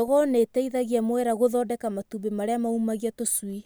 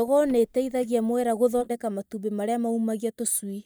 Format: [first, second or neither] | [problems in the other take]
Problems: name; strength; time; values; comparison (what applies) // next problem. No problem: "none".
first | noise reduction (neural mask model DeepFilterNet 3)